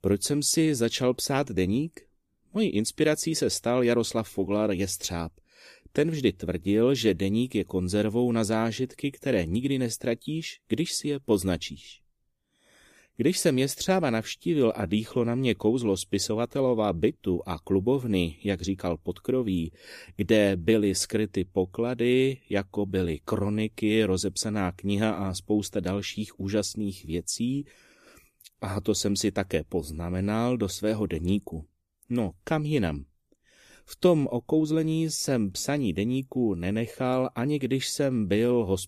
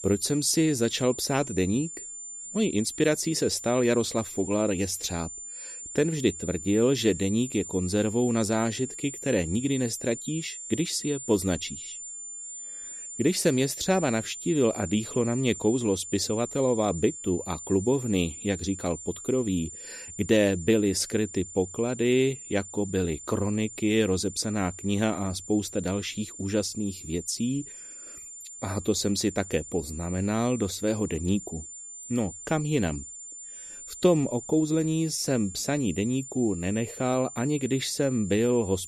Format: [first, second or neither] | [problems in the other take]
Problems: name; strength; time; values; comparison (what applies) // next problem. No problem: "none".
first | high-pitched whine; noticeable; throughout; 7 kHz, 10 dB below the speech